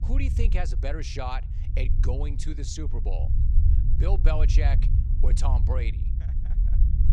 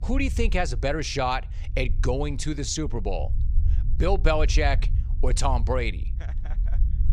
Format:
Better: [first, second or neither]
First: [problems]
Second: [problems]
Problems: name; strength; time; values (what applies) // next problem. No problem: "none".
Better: second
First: low rumble; loud; throughout; 8 dB below the speech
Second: low rumble; faint; throughout; 20 dB below the speech